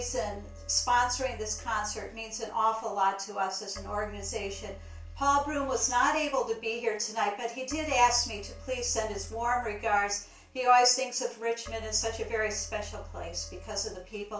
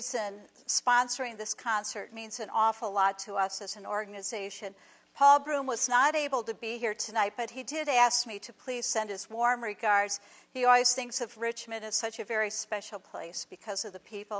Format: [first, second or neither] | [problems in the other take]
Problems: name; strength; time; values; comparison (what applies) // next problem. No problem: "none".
second | background sound (Keyboard (musical)); 15 dB below the speech // room echo; dies away in 0.3 s